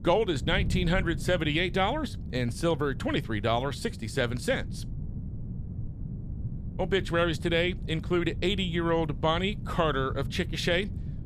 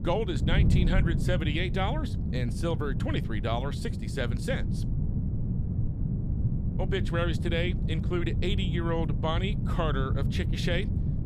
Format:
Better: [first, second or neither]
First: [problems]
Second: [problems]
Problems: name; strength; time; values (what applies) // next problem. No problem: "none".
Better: first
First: wind noise on the microphone; occasional gusts; 20 dB below the speech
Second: wind noise on the microphone; heavy; 8 dB below the speech